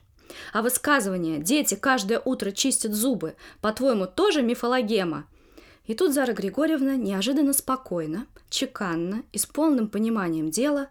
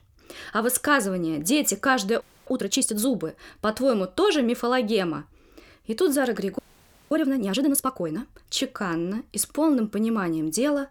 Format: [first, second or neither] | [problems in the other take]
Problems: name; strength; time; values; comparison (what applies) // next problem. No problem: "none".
first | audio freezing; at 2 s and at 6.5 s for 0.5 s